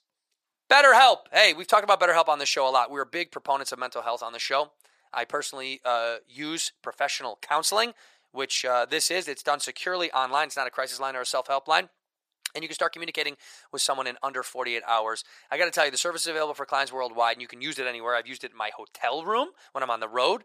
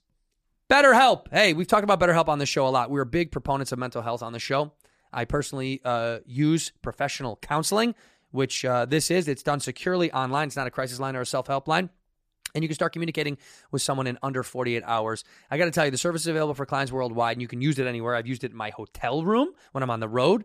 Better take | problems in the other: second | thin; very; fading below 700 Hz

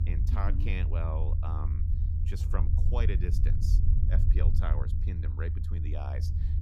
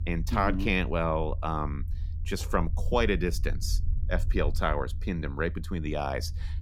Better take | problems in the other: second | low rumble; loud; throughout; 4 dB below the speech; faint in the second

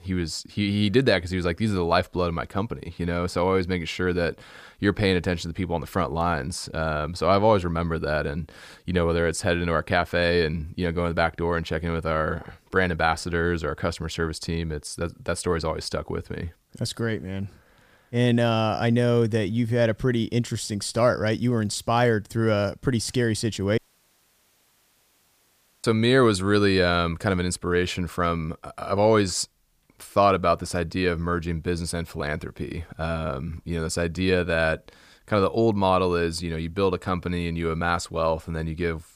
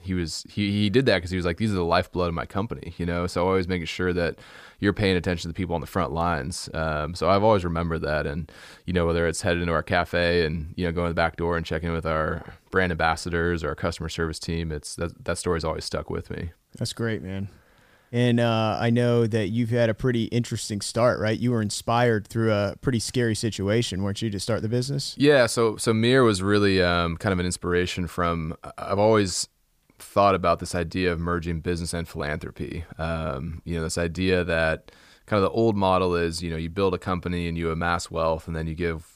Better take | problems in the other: second | audio cutting out; at 24 s for 2 s

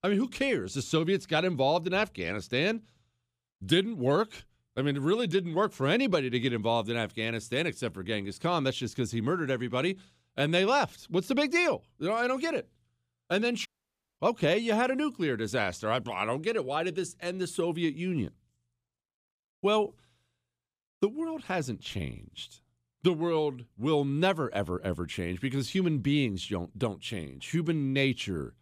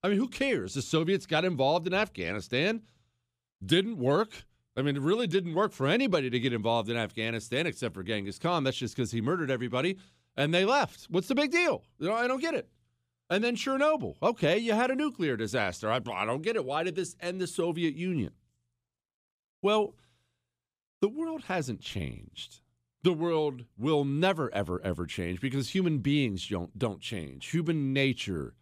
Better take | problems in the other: second | audio cutting out; at 14 s for 0.5 s

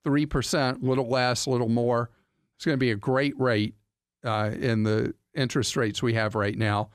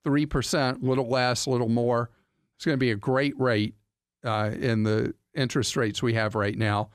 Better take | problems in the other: neither | none

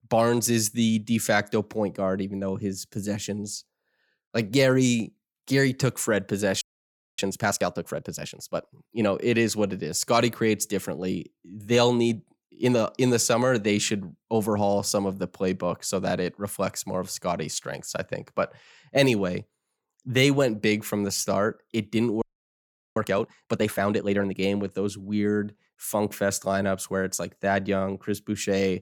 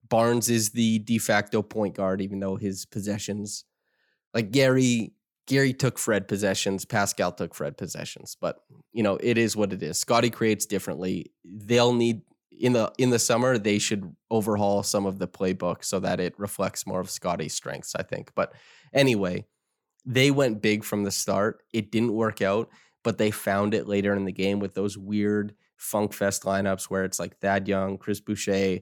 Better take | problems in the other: second | audio freezing; at 6.5 s for 0.5 s and at 22 s for 0.5 s

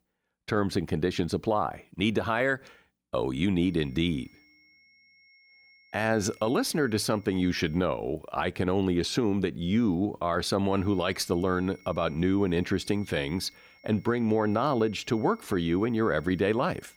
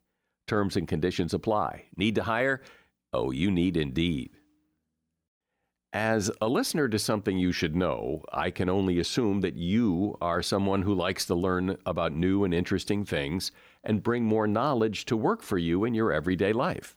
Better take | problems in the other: second | high-pitched whine; faint; from 3.5 to 8 s and from 11 s on; 2 kHz, 30 dB below the speech

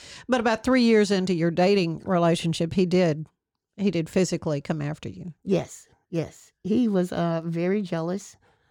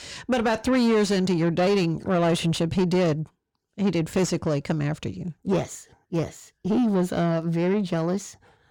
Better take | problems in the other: first | distortion; slight; 10 dB below the speech

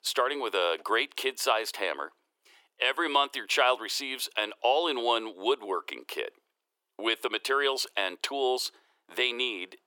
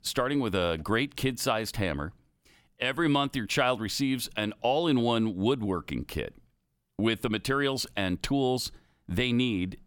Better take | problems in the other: second | thin; very; fading below 400 Hz

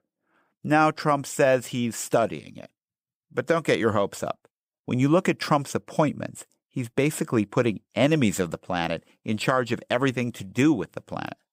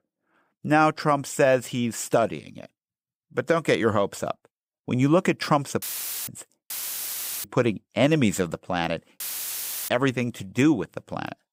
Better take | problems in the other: first | audio cutting out; filled with static; at 6 s, at 6.5 s for 0.5 s and at 9 s for 0.5 s

